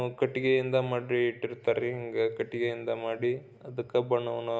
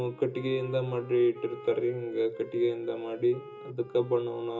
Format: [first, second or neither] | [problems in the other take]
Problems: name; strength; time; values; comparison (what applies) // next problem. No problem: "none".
first | background sound (Wind instrument, woodwind instrument); 17 dB below the speech // room echo; dies away in 0.2 s